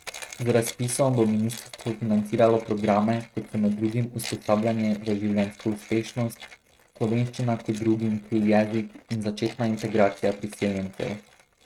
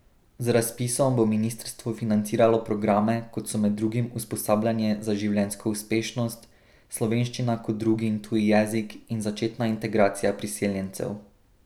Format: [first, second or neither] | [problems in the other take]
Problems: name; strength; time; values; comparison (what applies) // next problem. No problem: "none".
second | noise reduction (neural mask model RNNoise)